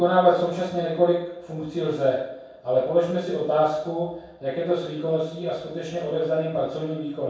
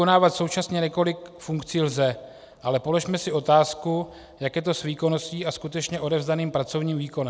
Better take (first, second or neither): second